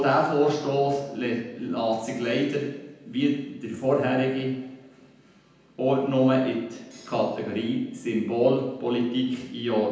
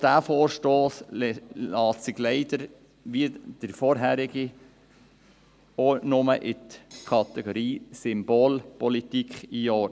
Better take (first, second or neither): second